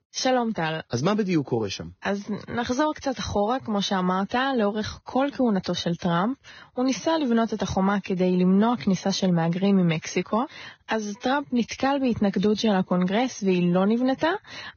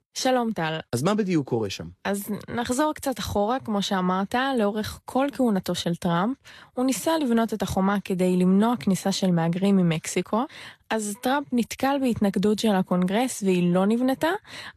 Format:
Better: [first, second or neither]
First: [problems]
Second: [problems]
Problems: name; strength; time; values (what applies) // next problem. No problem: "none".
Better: second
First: garbled, watery; badly; nothing above 6.5 kHz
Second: garbled, watery; slightly; nothing above 13 kHz